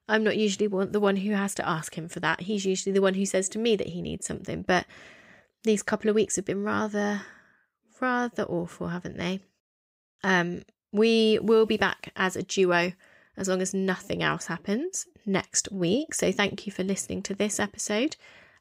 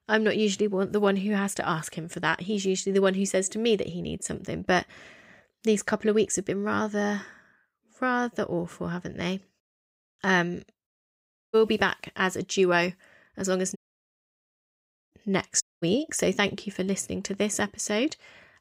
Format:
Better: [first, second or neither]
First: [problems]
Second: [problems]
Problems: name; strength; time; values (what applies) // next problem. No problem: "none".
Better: first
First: none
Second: audio cutting out; at 11 s for 0.5 s, at 14 s for 1.5 s and at 16 s